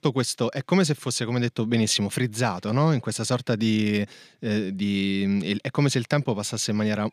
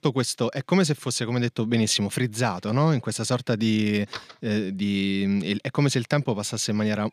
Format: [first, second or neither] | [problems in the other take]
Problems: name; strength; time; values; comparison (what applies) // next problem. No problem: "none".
first | door banging; faint; at 4 s; peak 15 dB below the speech